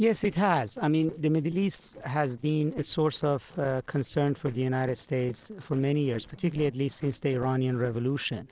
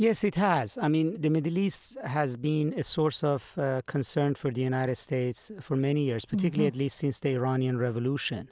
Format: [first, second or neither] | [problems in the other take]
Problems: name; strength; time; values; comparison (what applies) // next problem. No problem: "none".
second | noise reduction (neural separator model SepFormer DNS4)